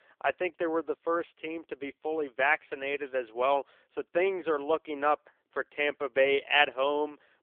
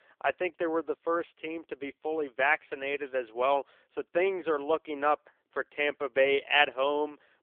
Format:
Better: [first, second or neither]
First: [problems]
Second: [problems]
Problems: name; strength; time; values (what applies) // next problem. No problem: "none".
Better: neither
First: phone-call audio; poor line; nothing above 3 kHz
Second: phone-call audio; poor line; nothing above 3 kHz